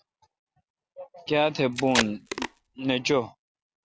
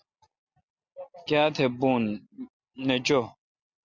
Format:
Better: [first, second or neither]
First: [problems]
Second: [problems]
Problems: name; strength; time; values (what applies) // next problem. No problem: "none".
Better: second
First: background sound (Packing tape, duct tape); 2 dB below the speech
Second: none